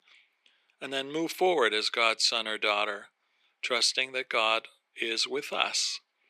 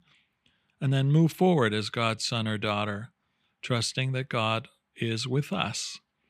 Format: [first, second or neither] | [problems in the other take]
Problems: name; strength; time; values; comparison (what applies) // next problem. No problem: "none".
second | thin; very; fading below 350 Hz